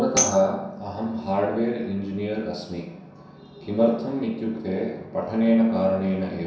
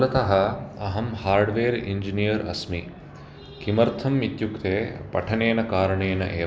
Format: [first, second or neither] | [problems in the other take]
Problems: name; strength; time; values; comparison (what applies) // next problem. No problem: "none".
second | background sound (Tambourine); 5 dB below the speech // room echo; dies away in 0.7 s